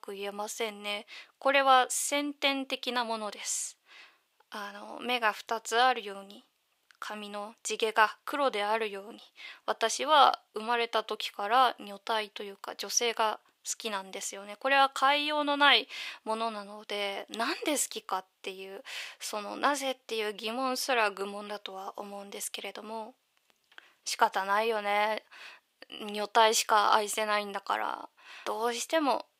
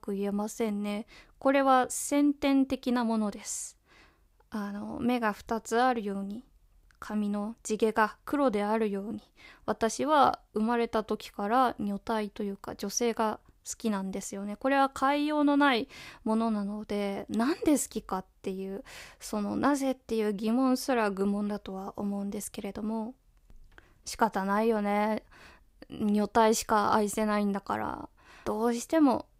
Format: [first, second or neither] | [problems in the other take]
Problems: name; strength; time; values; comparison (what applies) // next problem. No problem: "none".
second | thin; somewhat; fading below 550 Hz